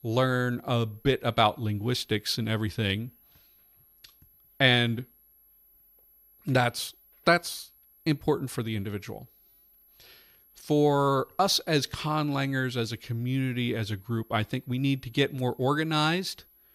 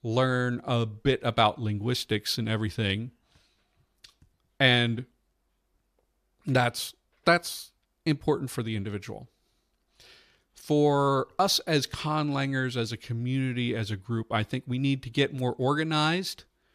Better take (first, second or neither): second